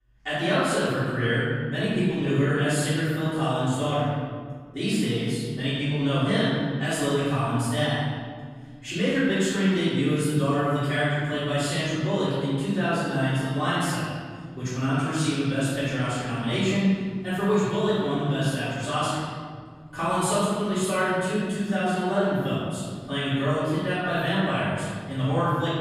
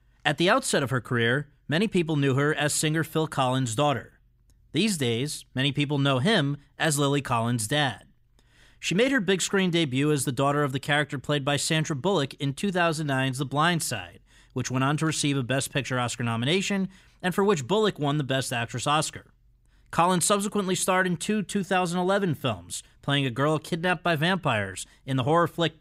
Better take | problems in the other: second | off-mic speech; far // room echo; strong; dies away in 1.8 s

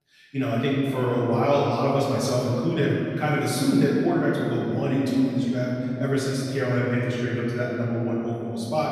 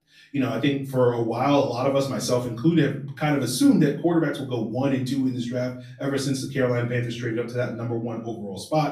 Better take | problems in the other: second | room echo; strong; dies away in 3 s; slight in the second // off-mic speech; far; far in the second

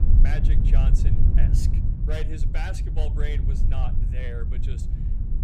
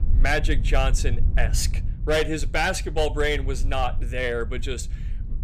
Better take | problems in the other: second | low rumble; loud; throughout; 2 dB below the speech; faint in the second

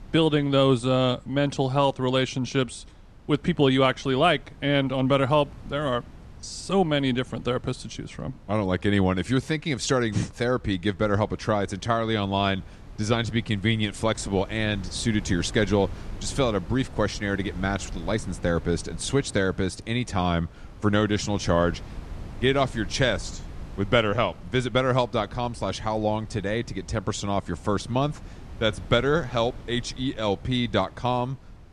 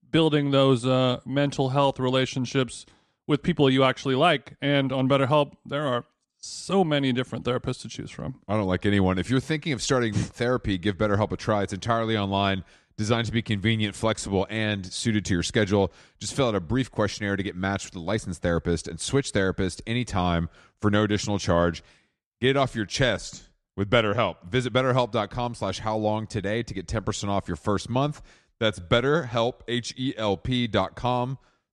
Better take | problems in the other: second | wind noise on the microphone; occasional gusts; 25 dB below the speech

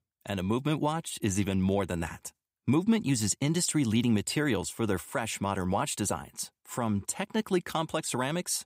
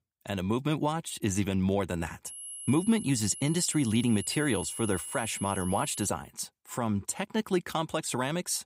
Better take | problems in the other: first | high-pitched whine; loud; from 2.5 to 6 s; 10.5 kHz, 9 dB below the speech

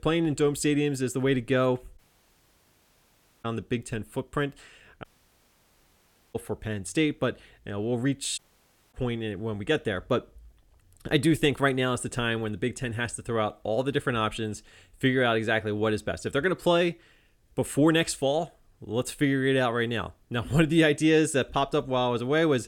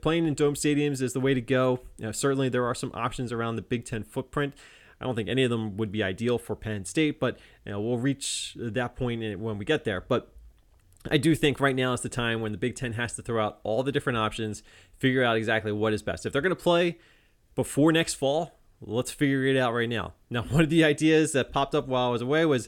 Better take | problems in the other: second | audio cutting out; at 2 s for 1.5 s, at 5 s for 1.5 s and at 8.5 s for 0.5 s

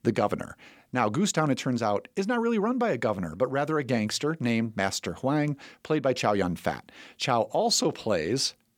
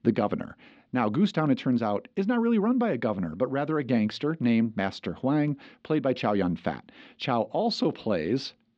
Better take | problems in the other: first | muffled; very slightly; fading above 4 kHz

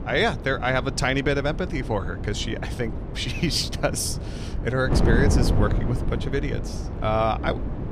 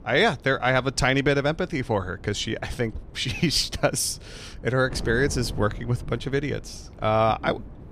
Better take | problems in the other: second | wind noise on the microphone; heavy; 10 dB below the speech; occasional gusts in the second

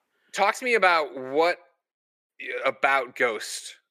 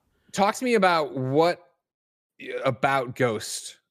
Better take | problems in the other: second | thin; somewhat; fading below 400 Hz

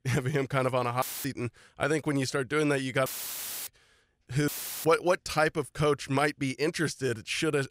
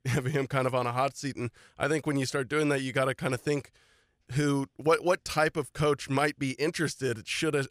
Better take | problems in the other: second | audio cutting out; filled with static; at 1 s, at 3 s for 0.5 s and at 4.5 s

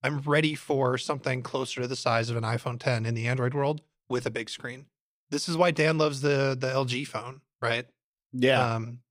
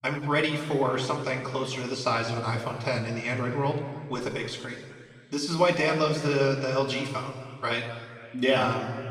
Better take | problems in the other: first | room echo; noticeable; dies away in 1.8 s // off-mic speech; far

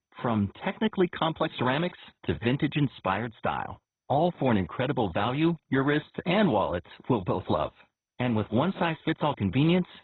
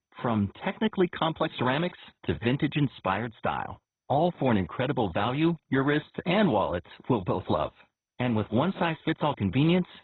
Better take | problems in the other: neither | garbled, watery; badly; nothing above 4 kHz; the same in both

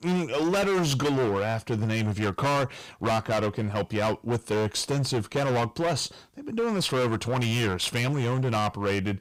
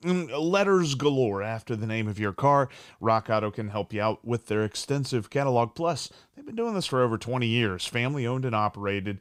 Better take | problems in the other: second | distortion; heavy; 23% of the sound clipped

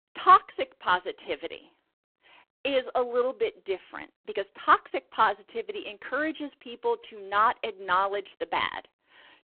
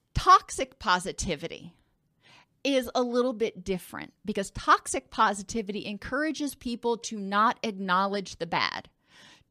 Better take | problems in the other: second | phone-call audio; poor line

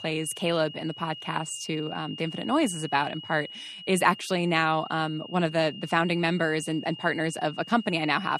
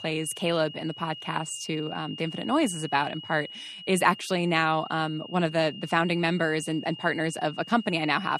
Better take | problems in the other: neither | high-pitched whine; noticeable; throughout; 3 kHz, 15 dB below the speech; the same in both

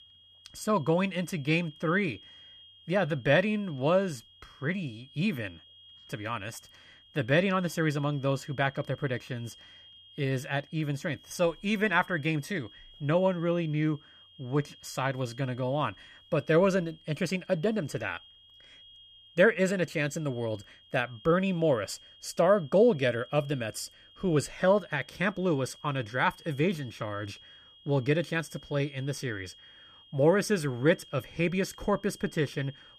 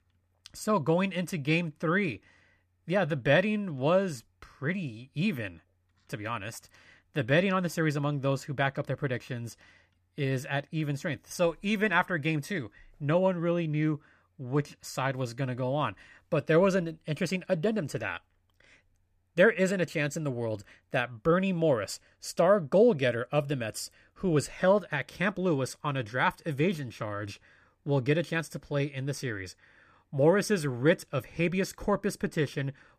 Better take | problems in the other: second | high-pitched whine; faint; throughout; 3.5 kHz, 25 dB below the speech

